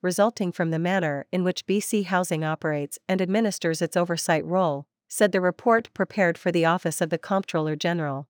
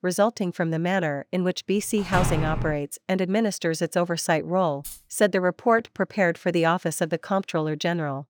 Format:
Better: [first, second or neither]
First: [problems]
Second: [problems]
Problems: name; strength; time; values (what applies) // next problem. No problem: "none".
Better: first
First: none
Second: door banging; noticeable; at 2 s; peak 1 dB below the speech // jangling keys; faint; at 5 s; peak 15 dB below the speech